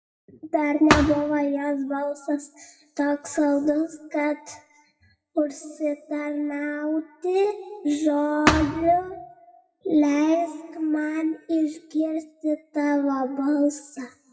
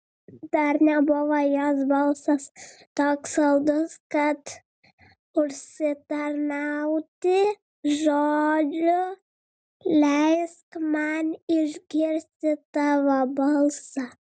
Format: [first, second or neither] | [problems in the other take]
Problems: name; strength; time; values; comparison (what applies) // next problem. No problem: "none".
second | noise reduction (classical method WPE with log-MMSE)